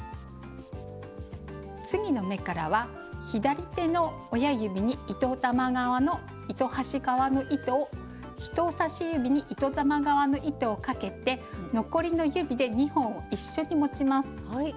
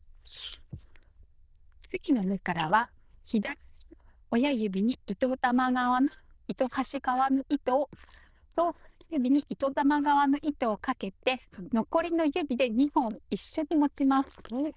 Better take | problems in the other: first | noise reduction (neural diffusion model UNIVERSE++)

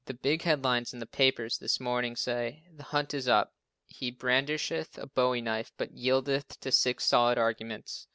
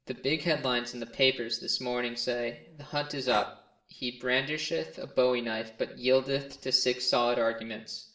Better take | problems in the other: first | background sound (Breathing); 17 dB below the speech // room echo; dies away in 0.5 s

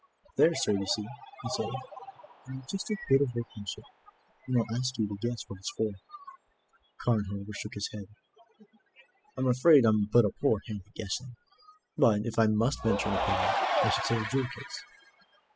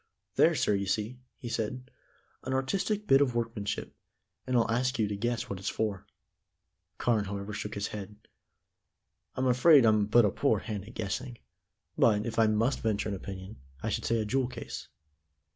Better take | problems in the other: second | noise reduction (classical method spectral subtraction)

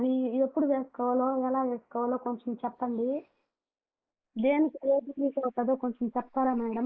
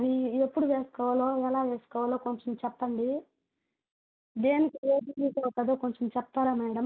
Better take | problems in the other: second | noise reduction (neural mask model Resemble Enhance denoiser)

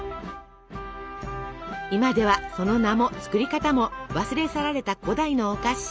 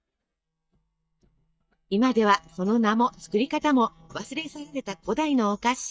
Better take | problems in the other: first | noise reduction (neural mask model DeepFilterNet 3)

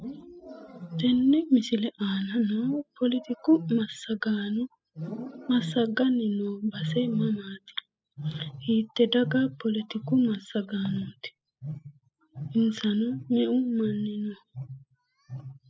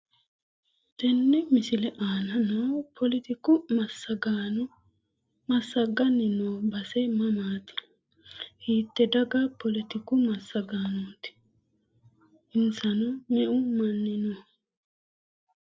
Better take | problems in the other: second | noise reduction (classical method spectral subtraction)

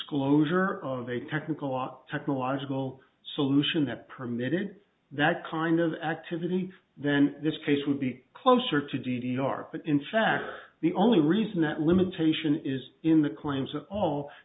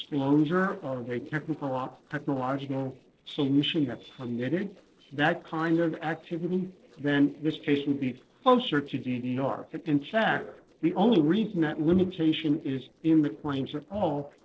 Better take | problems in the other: first | noise reduction (neural separator model SepFormer DNS4)

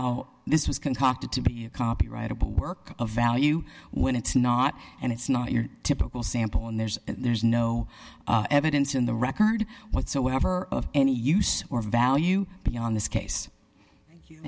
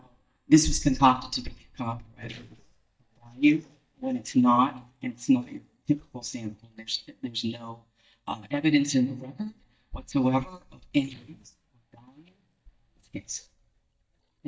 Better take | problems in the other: first | noise reduction (neural mask model DeepFilterNet 3)

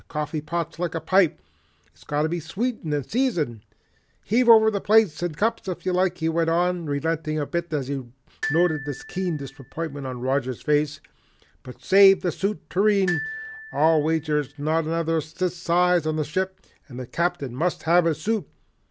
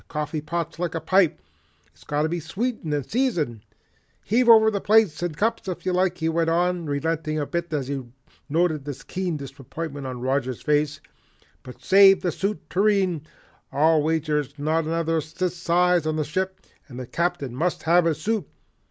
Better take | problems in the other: second | background sound (Glockenspiel); 13 dB below the speech

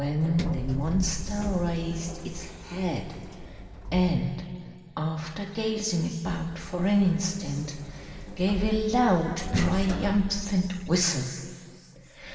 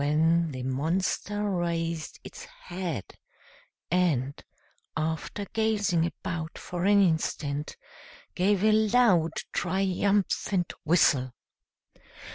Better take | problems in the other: second | background sound (Sliding door); 8 dB below the speech // room echo; dies away in 2.1 s

